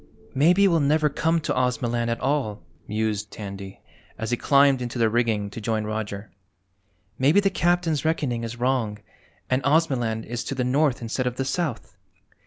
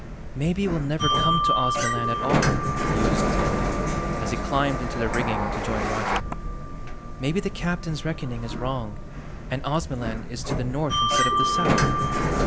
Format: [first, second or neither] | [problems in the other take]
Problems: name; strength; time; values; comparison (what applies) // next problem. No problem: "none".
first | background sound (Sliding door + Bell); 4 dB above the speech